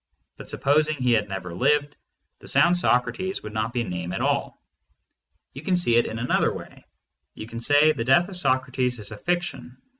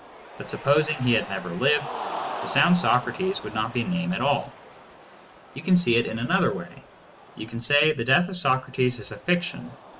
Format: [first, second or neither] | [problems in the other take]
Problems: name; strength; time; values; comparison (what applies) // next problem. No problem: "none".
first | background sound (Cheering); 14 dB below the speech // room echo; dies away in 0.3 s